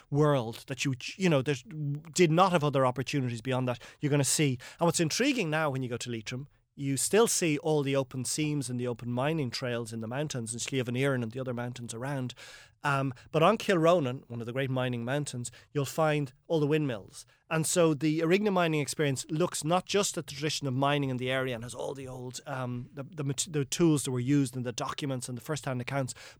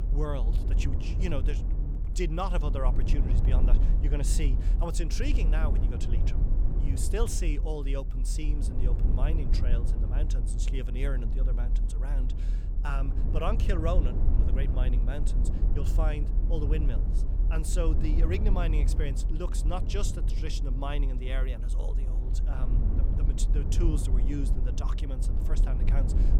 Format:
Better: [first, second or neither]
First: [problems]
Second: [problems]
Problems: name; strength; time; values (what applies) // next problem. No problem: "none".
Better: first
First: none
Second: low rumble; loud; throughout; 7 dB below the speech